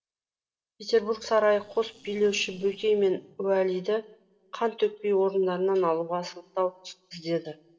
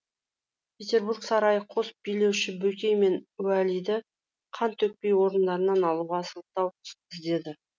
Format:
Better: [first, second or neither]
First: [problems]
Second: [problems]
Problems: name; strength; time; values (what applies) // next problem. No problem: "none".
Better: second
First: noise reduction (neural separator model SepFormer DNS4)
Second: none